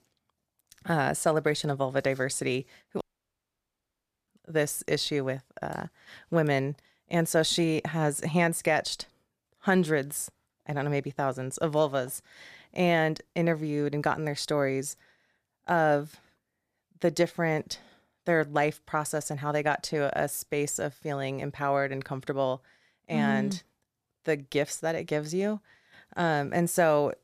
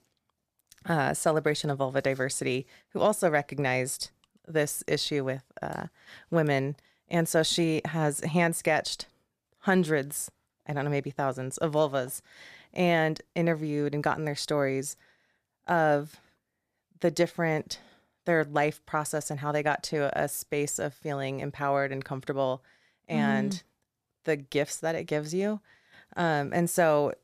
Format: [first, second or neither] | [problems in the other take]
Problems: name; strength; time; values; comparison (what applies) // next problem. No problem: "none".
second | audio cutting out; at 3 s for 1.5 s